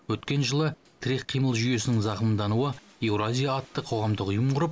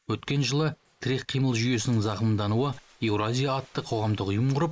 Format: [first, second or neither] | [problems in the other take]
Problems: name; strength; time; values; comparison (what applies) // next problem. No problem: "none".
first | noise reduction (neural mask model Resemble Enhance denoiser)